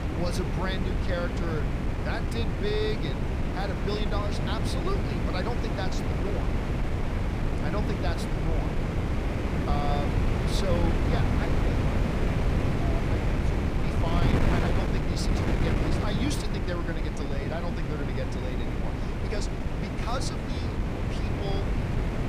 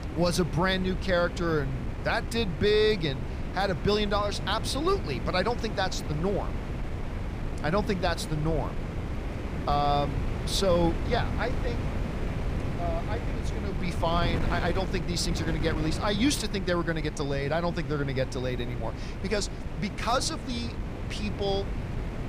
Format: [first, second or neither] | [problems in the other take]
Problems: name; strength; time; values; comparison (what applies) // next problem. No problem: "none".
second | wind noise on the microphone; heavy; 2 dB above the speech; occasional gusts in the second